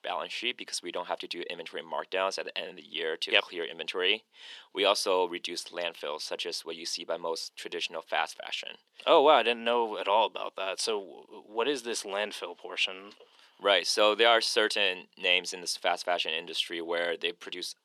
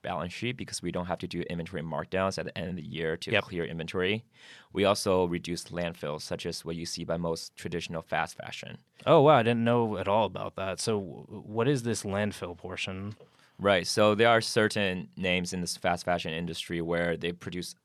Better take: second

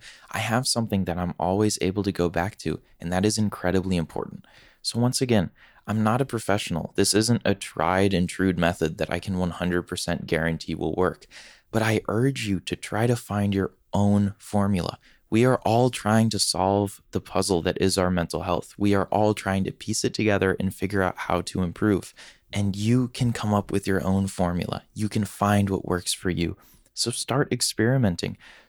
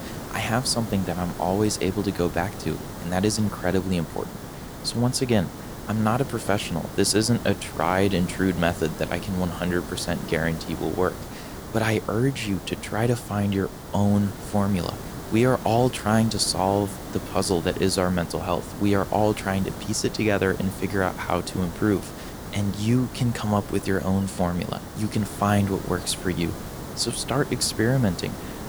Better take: first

